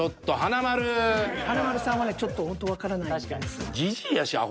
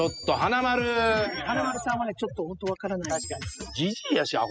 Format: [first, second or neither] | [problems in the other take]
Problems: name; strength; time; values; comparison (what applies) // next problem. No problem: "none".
first | noise reduction (classical method spectral subtraction)